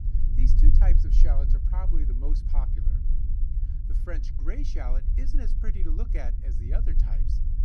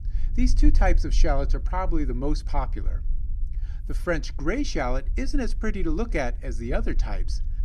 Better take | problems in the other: second | low rumble; loud; throughout; 4 dB below the speech; faint in the second

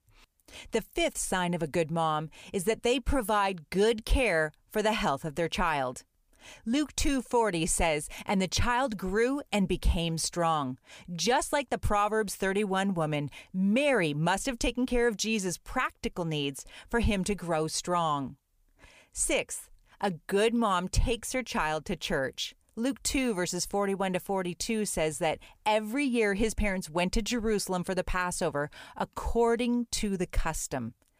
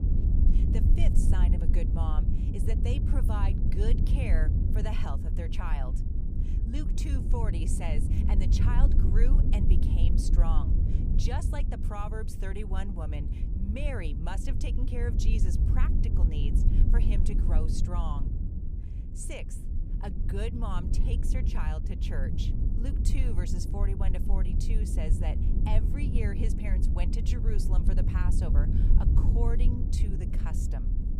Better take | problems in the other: first | low rumble; loud; throughout; 2 dB below the speech

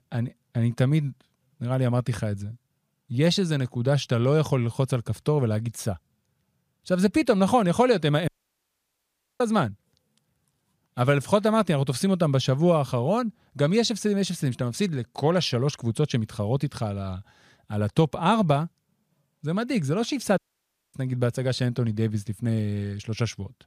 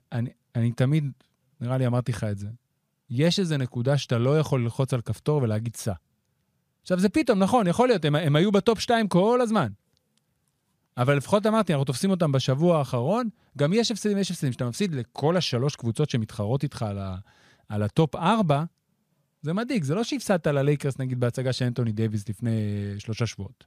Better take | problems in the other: second | audio cutting out; at 8.5 s for 1 s and at 20 s for 0.5 s

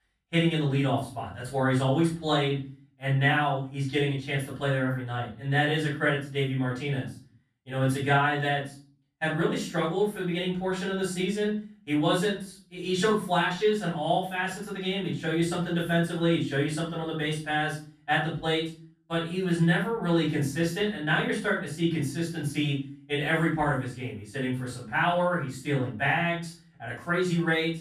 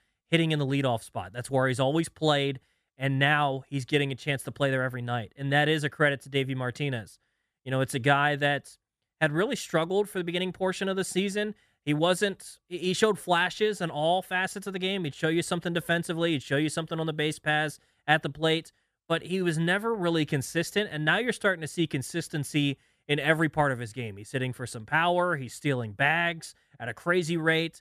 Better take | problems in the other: second | off-mic speech; far // room echo; noticeable; dies away in 0.4 s

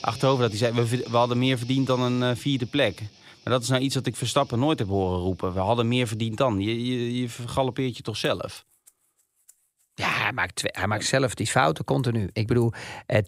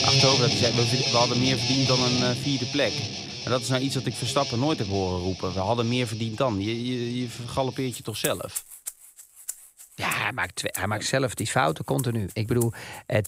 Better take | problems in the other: first | background music; loud; throughout; 1 dB below the speech; faint in the first

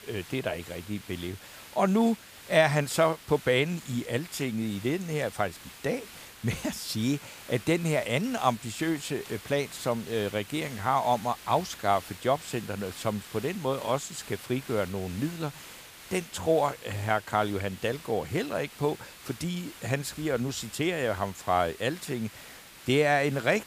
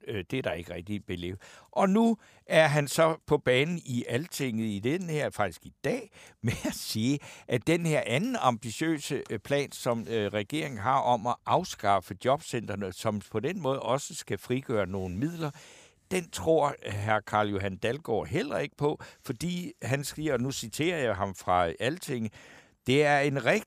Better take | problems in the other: second | hiss; noticeable; throughout; 15 dB below the speech

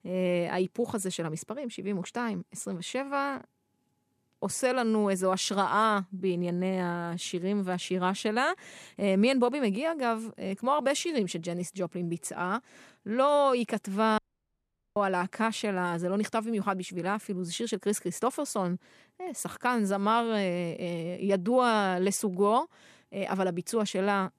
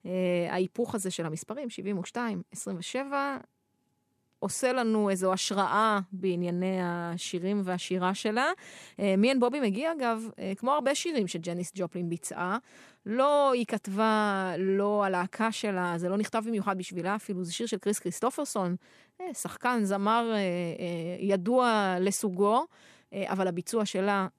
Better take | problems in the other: second | audio cutting out; at 14 s for 1 s

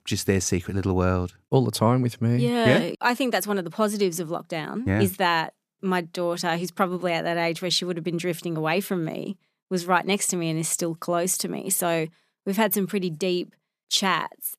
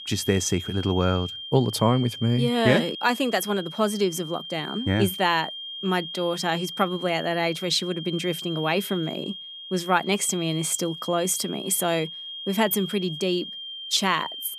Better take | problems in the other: first | high-pitched whine; loud; throughout; 3 kHz, 9 dB below the speech

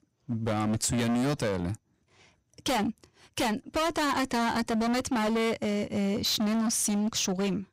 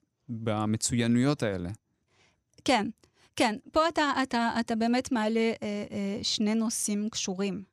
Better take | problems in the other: second | distortion; heavy; 26% of the sound clipped

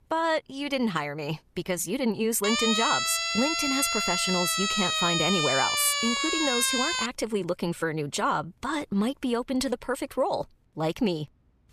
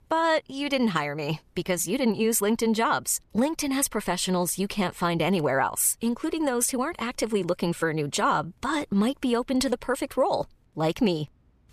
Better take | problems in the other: second | siren; loud; from 2.5 to 7 s; peak 4 dB above the speech

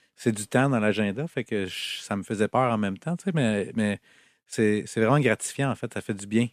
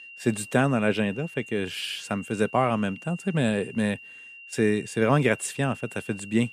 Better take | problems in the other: first | high-pitched whine; noticeable; throughout; 3 kHz, 15 dB below the speech

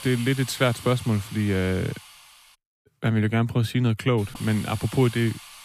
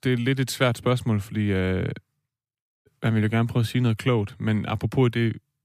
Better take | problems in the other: second | hiss; noticeable; until 2.5 s and from 4 s on; 15 dB below the speech

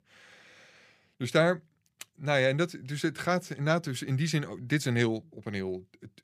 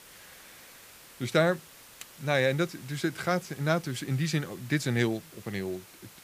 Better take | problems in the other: first | hiss; noticeable; throughout; 20 dB below the speech

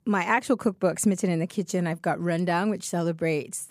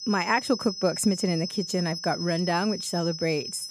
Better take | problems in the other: first | high-pitched whine; loud; throughout; 5 kHz, 7 dB below the speech

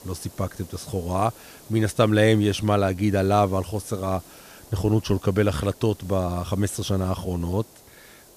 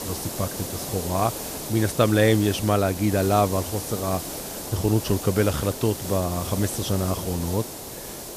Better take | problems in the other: first | hiss; loud; throughout; 8 dB below the speech; faint in the first

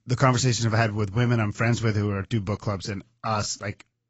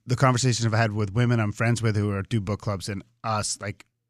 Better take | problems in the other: second | garbled, watery; badly; nothing above 7.5 kHz

